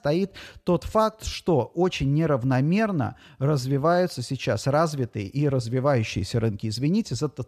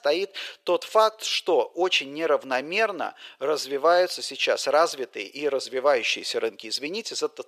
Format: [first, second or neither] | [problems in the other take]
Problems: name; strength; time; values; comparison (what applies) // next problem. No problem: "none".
first | thin; very; fading below 400 Hz